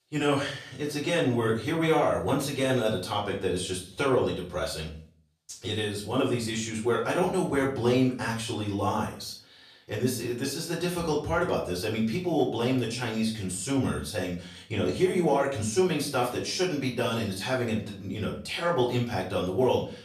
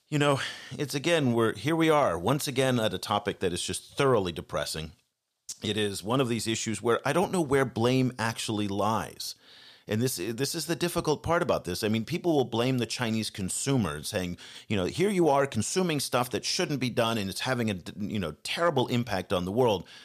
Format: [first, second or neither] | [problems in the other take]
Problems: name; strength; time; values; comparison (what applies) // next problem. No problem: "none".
second | off-mic speech; far // room echo; slight; dies away in 0.4 s